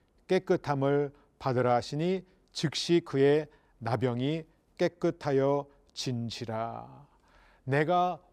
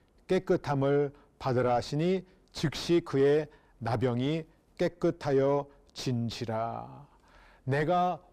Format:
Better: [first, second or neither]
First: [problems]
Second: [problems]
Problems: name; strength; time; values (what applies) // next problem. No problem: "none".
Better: first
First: none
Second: distortion; slight; 10 dB below the speech